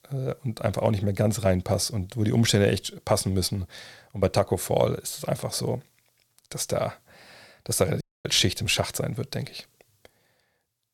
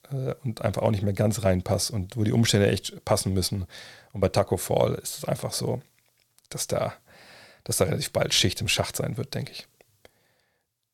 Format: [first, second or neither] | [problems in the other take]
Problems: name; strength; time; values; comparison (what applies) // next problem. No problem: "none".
second | audio cutting out; at 8 s